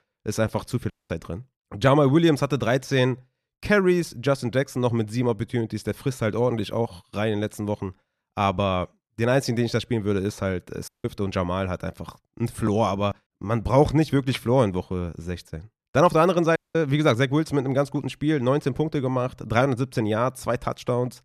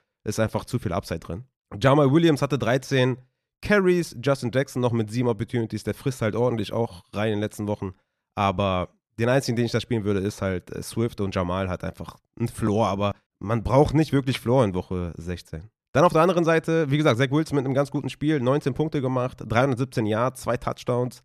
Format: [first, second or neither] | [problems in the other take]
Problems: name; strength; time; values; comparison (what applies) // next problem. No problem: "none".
second | audio cutting out; at 1 s, at 11 s and at 17 s